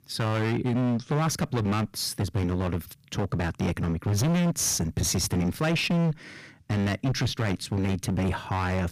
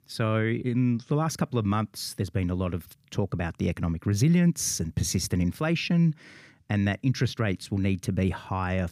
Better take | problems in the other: second | distortion; heavy; 23% of the sound clipped

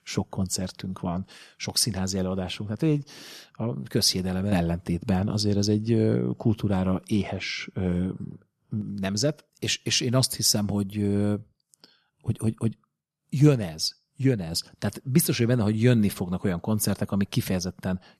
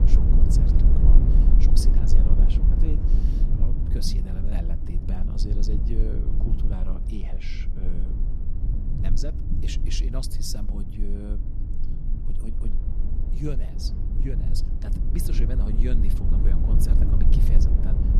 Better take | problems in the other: first | low rumble; loud; throughout; 1 dB below the speech

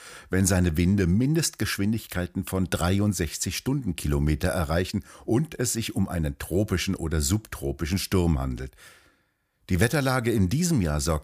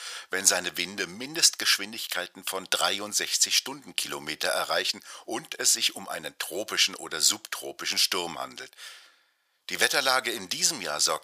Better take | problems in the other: first | thin; very; fading below 750 Hz

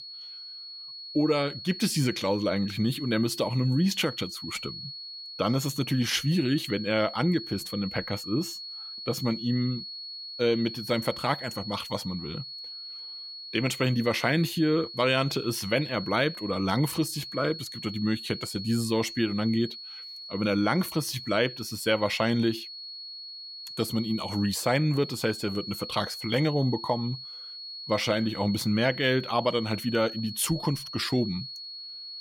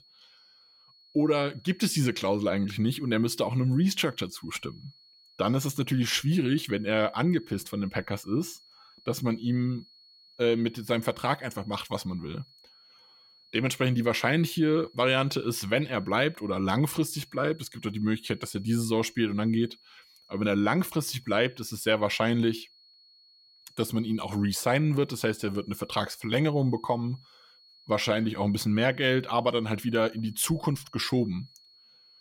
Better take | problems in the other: second | high-pitched whine; loud; throughout; 4.5 kHz, 10 dB below the speech; faint in the second

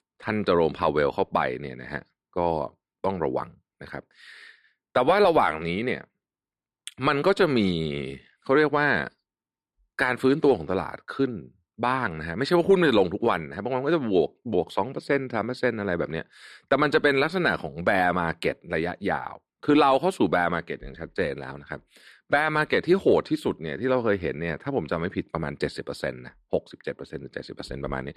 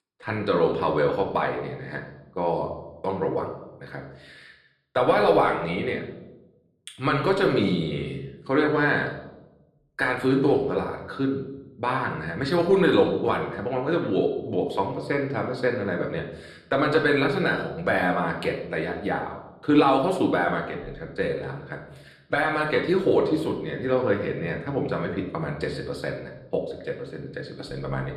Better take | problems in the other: first | room echo; slight; dies away in 0.7 s // off-mic speech; somewhat distant

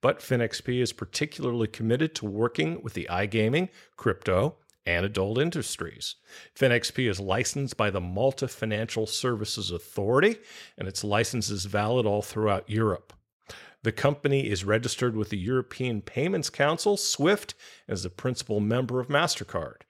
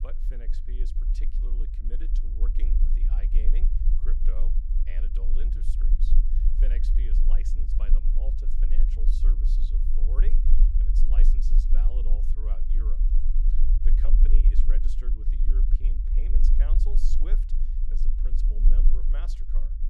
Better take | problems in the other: first | low rumble; loud; throughout; 1 dB below the speech

